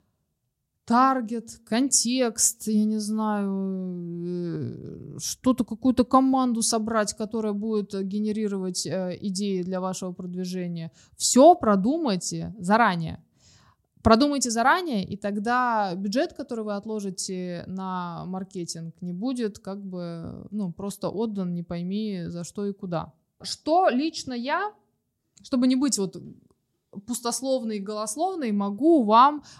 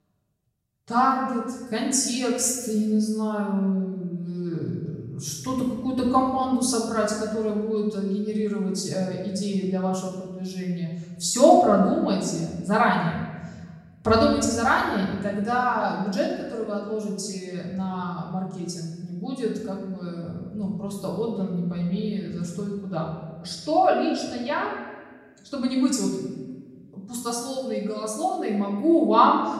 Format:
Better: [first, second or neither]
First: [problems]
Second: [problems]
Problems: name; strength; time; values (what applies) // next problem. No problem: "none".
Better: first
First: none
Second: off-mic speech; far // room echo; noticeable; dies away in 1.4 s